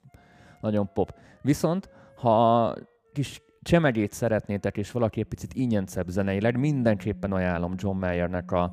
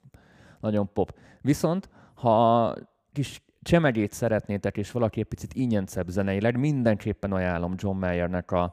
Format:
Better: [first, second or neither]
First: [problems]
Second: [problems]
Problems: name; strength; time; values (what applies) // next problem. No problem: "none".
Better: second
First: background music; noticeable; throughout; 20 dB below the speech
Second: none